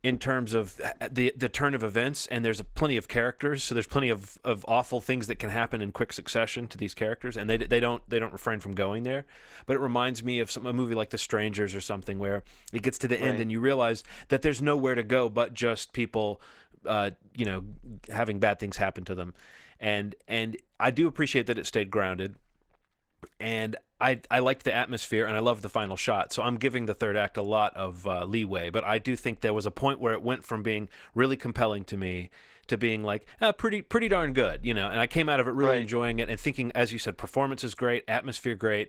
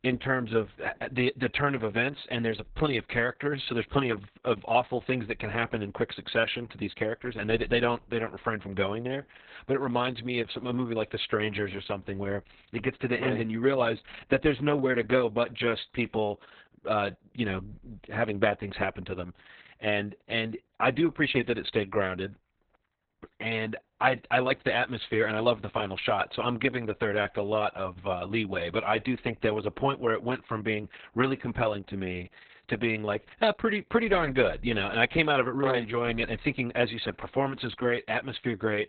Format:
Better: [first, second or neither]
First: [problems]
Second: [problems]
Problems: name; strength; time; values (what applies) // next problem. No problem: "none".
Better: first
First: garbled, watery; slightly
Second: garbled, watery; badly; nothing above 4 kHz